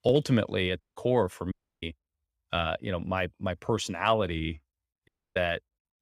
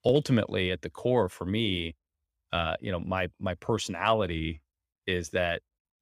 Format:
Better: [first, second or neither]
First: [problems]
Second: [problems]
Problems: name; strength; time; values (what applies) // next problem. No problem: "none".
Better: second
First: audio cutting out; at 1 s, at 1.5 s and at 5 s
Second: none